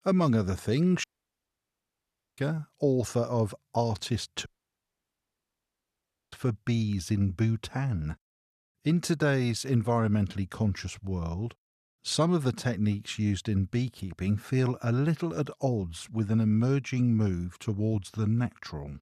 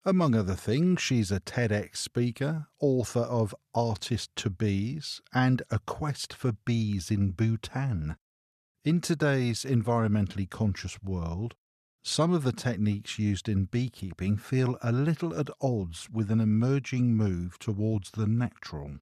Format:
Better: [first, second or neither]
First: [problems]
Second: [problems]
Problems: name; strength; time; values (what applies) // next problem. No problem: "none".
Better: second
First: audio cutting out; at 1 s for 1.5 s and at 4.5 s for 2 s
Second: none